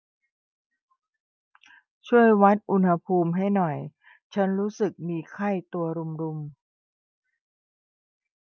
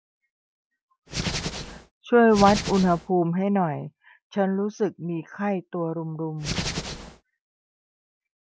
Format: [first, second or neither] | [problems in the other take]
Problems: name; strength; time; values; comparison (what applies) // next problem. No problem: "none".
first | background sound (Hands); 6 dB below the speech